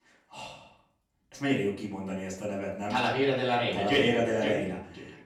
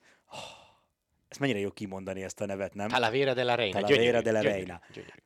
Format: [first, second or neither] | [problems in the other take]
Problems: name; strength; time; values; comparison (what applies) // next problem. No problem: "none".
second | room echo; slight; dies away in 0.5 s // off-mic speech; far